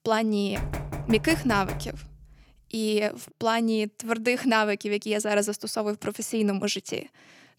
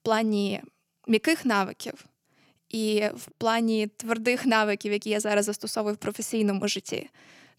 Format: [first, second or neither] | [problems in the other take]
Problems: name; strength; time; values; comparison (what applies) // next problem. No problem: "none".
second | door banging; noticeable; from 0.5 to 2 s; peak 7 dB below the speech